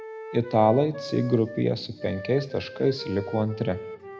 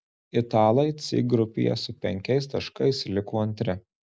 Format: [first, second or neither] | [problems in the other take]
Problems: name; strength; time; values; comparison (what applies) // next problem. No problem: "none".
second | background sound (Wind instrument, woodwind instrument); 13 dB below the speech // room echo; dies away in 1.2 s